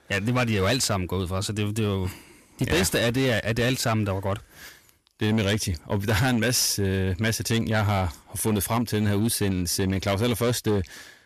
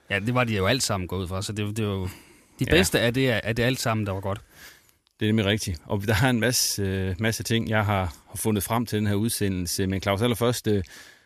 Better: second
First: distortion; slight; 10% of the sound clipped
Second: none

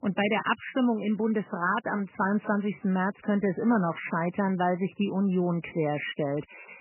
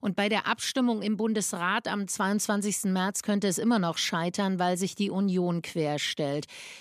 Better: second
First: garbled, watery; badly; nothing above 3 kHz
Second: none

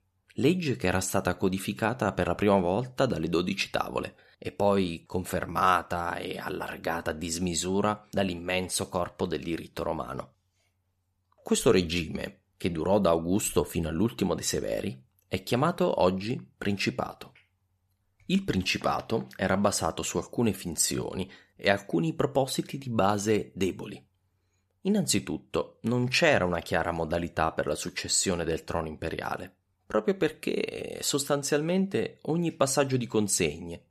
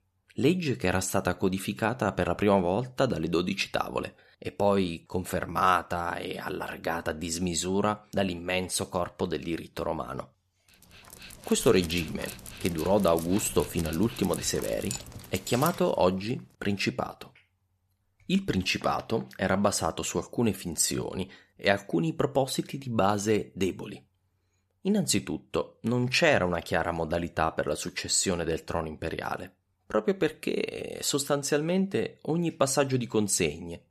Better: first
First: none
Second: dog barking; noticeable; from 11 to 16 s; peak 7 dB below the speech

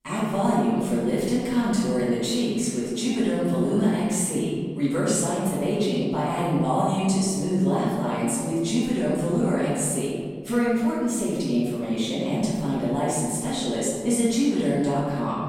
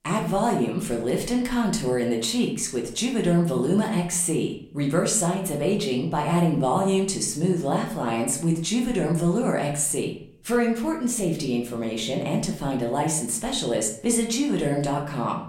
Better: second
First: room echo; strong; dies away in 1.9 s // off-mic speech; far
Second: room echo; slight; dies away in 0.5 s // off-mic speech; somewhat distant

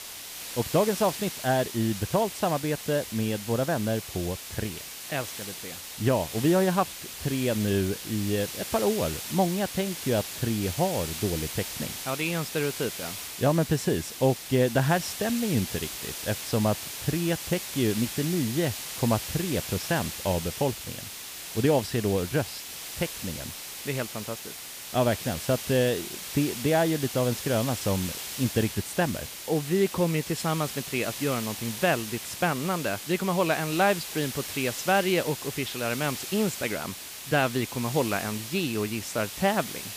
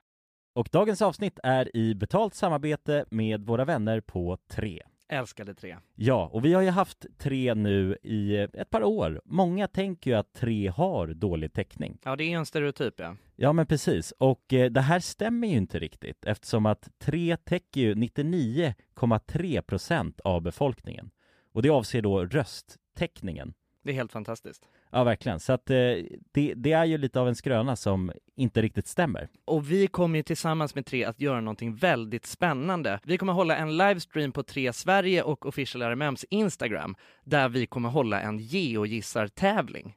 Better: second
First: hiss; loud; throughout; 7 dB below the speech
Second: none

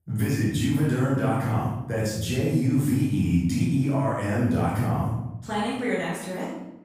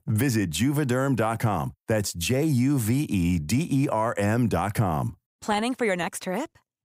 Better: second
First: off-mic speech; far // room echo; strong; dies away in 0.8 s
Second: none

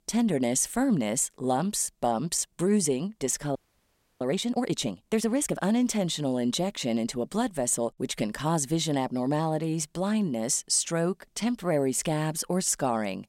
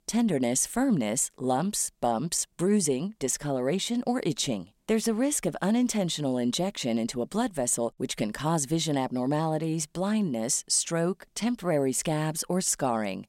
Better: second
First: audio freezing; at 3.5 s for 0.5 s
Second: none

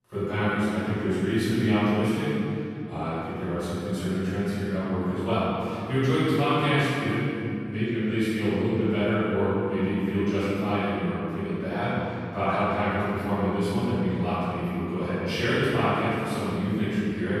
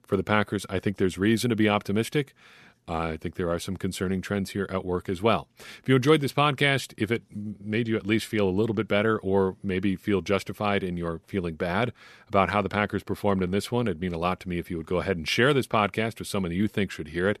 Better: second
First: off-mic speech; far // room echo; strong; dies away in 2.7 s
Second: none

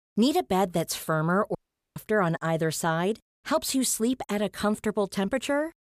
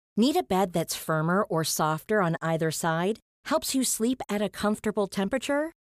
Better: second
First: audio cutting out; at 1.5 s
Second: none

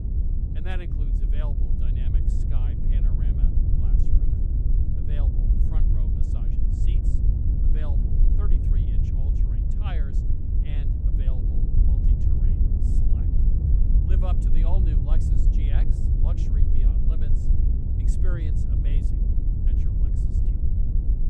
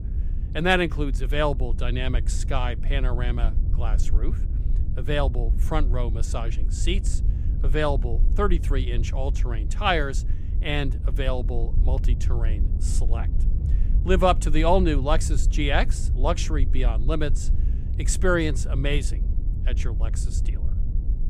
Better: second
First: wind noise on the microphone; heavy; 4 dB above the speech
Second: wind noise on the microphone; occasional gusts; 15 dB below the speech

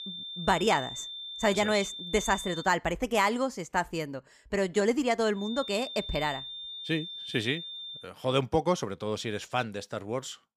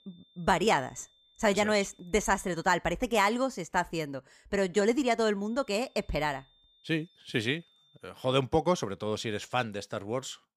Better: second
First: high-pitched whine; loud; until 2.5 s and from 5.5 to 8 s; 3.5 kHz, 8 dB below the speech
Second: high-pitched whine; faint; until 2.5 s and from 5.5 to 8 s; 3.5 kHz, 35 dB below the speech

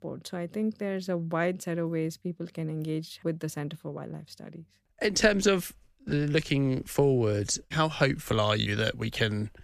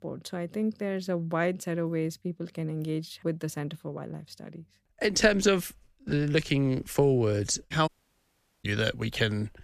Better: first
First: none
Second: audio cutting out; at 8 s for 1 s

